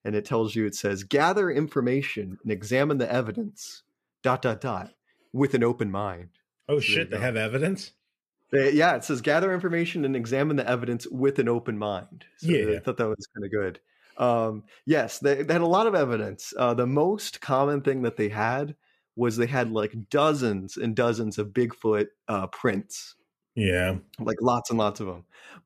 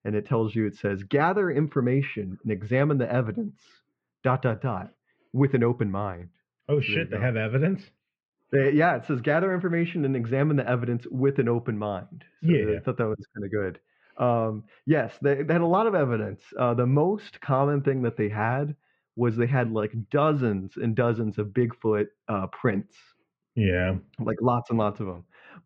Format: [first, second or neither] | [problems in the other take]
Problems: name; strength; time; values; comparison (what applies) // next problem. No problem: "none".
first | muffled; very; fading above 2.5 kHz